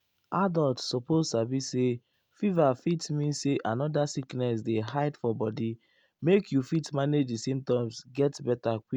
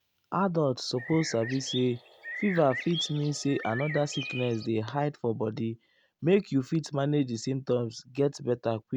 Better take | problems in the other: first | background sound (Bird); 10 dB below the speech

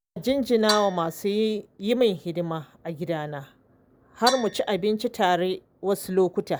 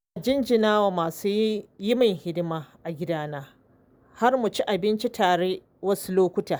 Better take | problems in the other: second | background sound (Percussion); 11 dB below the speech

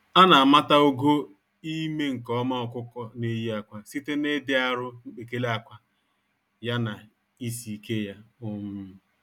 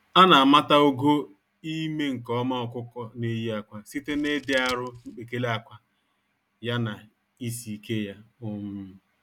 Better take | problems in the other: first | background sound (Scissors); 20 dB below the speech

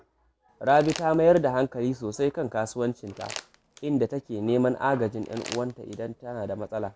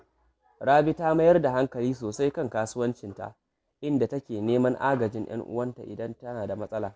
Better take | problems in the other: second | background sound (Crumpling, crinkling); 19 dB below the speech

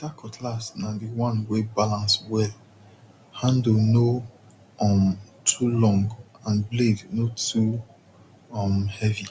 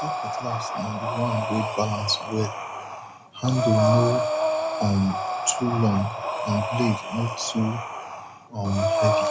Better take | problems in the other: first | background sound (Breathing); 1 dB below the speech

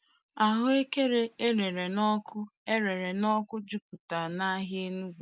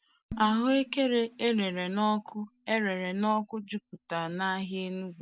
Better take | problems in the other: first | background sound (Dishes, pots, and pans); 19 dB below the speech

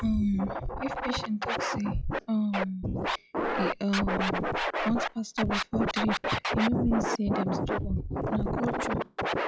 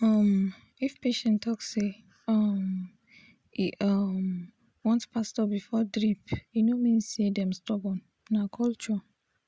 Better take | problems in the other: second | noise reduction (classical method log-MMSE)

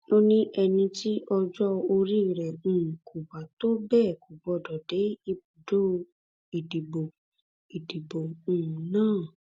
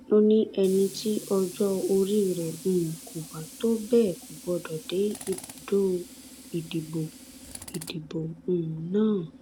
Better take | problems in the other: first | background sound (Tools); 17 dB below the speech

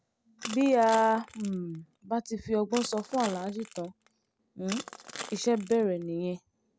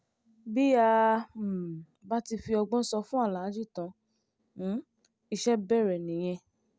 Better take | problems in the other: second | background sound (Crushing); 15 dB below the speech

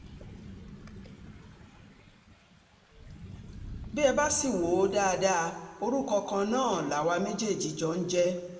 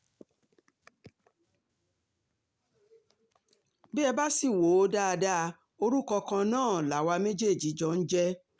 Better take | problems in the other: second | background sound (Thunder / Rain); 17 dB below the speech // room echo; dies away in 1 s

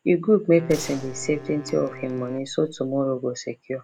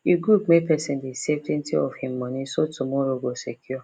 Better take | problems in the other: second | background sound (Wind instrument, woodwind instrument + Gunshot, gunfire); 17 dB below the speech

